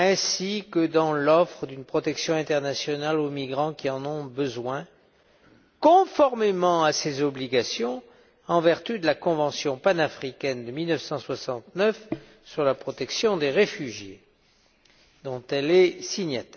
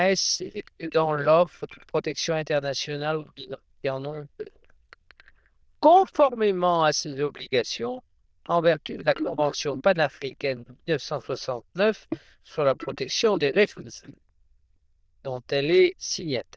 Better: first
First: none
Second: noise reduction (neural diffusion model UNIVERSE++)

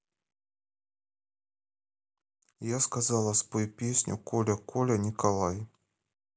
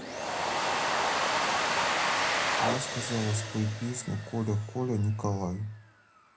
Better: first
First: none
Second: background sound (Domestic sounds, home sounds); 2 dB above the speech // room echo; dies away in 0.4 s

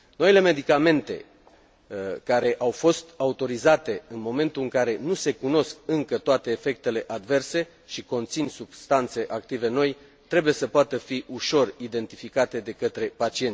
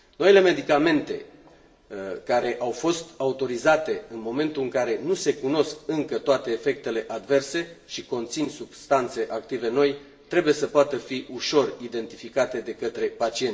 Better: first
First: none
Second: room echo; dies away in 1 s

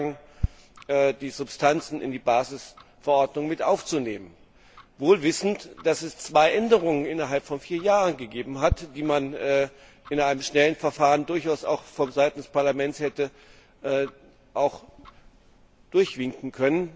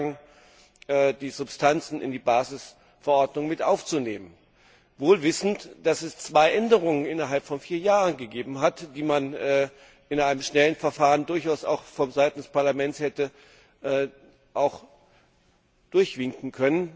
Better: second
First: background sound (Tick-tock); 17 dB below the speech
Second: none

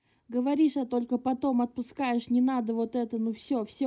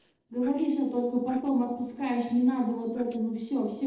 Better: first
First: none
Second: noise reduction (neural separator model SepFormer DNS4)

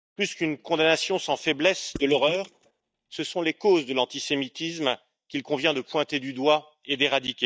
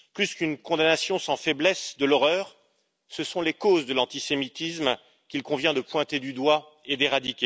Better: second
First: noise reduction (neural mask model DeepFilterNet 3)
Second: none

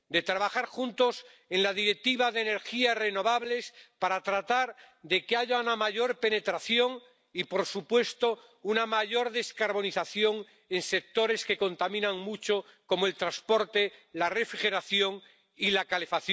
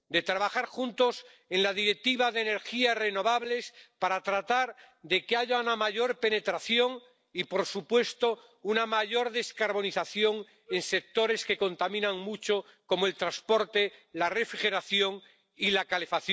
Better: first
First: none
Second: noise reduction (neural separator model SepFormer DNS4)

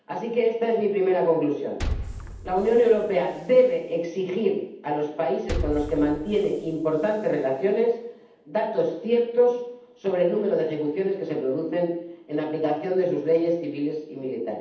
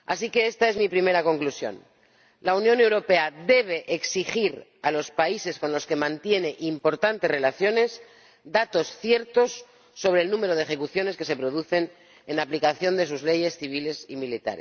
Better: second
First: background sound (Liquid); 12 dB below the speech // room echo; dies away in 0.8 s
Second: none

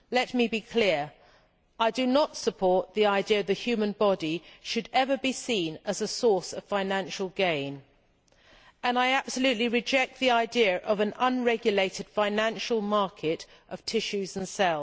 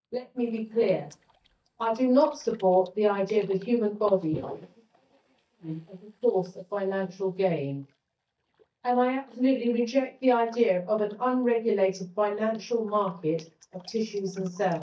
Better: first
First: none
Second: noise reduction (neural mask model DeepFilterNet 3)

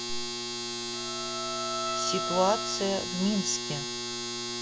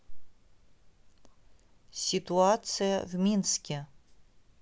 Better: second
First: background sound (Domestic sounds, home sounds + Bowed string instrument); as loud as the speech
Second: none

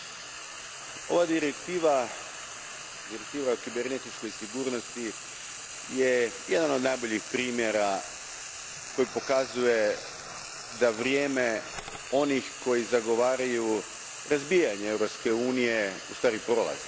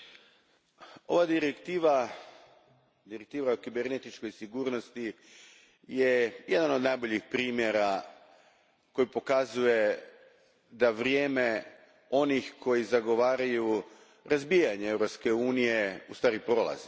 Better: second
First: background sound (Frying (food)); 11 dB below the speech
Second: none

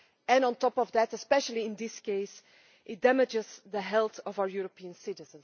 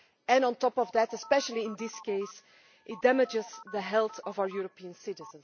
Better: first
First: none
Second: background sound (Telephone); 19 dB below the speech

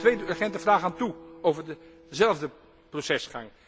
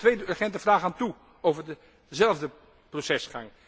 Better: second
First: background sound (Acoustic guitar); 18 dB below the speech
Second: none

